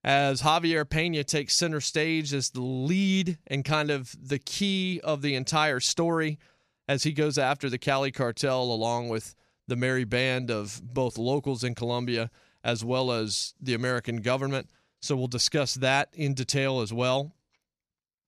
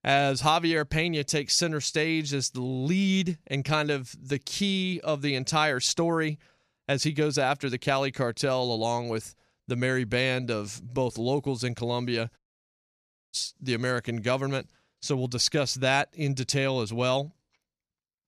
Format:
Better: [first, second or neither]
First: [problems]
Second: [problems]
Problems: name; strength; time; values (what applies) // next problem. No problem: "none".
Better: first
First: none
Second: audio cutting out; at 12 s for 1 s